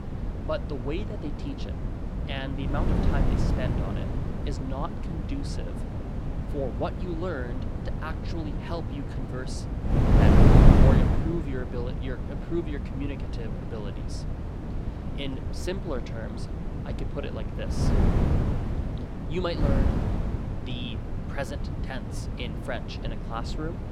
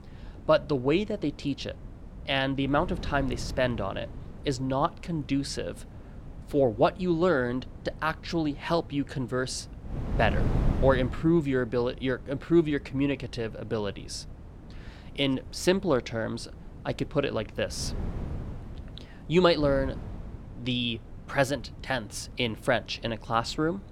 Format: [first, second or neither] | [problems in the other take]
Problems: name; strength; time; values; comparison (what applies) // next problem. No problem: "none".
second | wind noise on the microphone; heavy; 1 dB above the speech; occasional gusts in the second